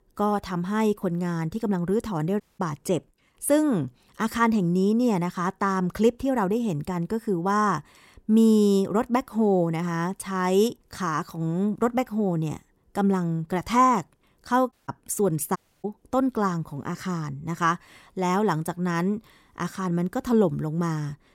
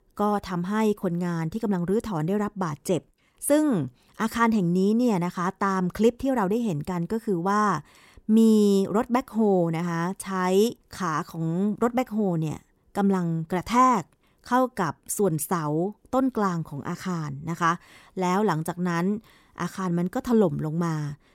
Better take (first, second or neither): second